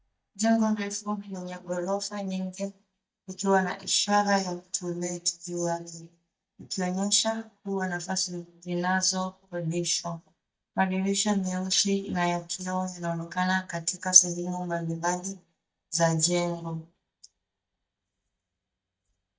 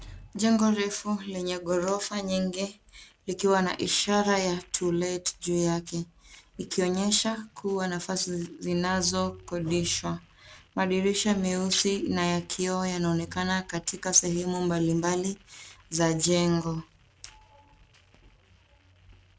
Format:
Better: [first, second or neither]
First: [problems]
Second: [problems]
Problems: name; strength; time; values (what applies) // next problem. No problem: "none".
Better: second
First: noise reduction (neural mask model DeepFilterNet 3)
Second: none